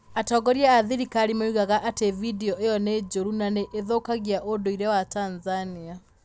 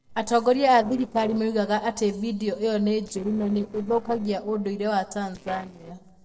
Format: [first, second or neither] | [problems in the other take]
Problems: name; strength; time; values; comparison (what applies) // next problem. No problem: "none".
first | noise reduction (neural separator model SepFormer DNS4)